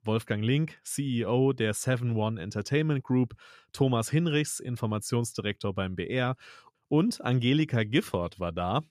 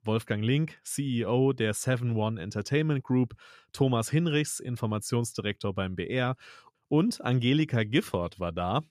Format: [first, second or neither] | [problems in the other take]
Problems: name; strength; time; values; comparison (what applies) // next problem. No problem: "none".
neither | none